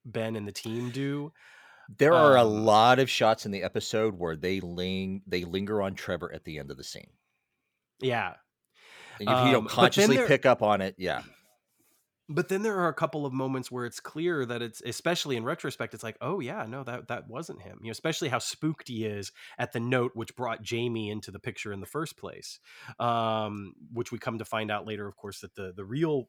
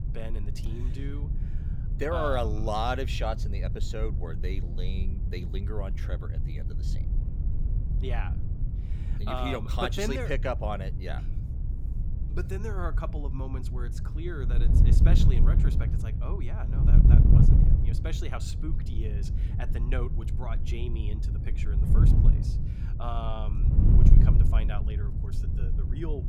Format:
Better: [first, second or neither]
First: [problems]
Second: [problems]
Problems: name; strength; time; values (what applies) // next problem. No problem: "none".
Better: first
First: none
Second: wind noise on the microphone; heavy; 6 dB below the speech